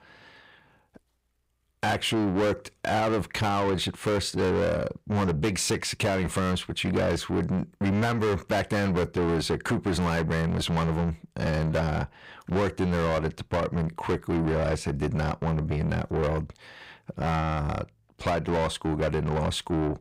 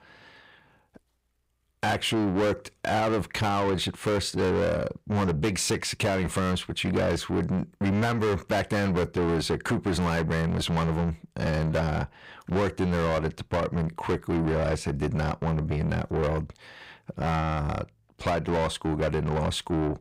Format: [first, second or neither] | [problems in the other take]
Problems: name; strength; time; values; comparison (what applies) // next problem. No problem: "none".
neither | distortion; heavy; 6 dB below the speech; the same in both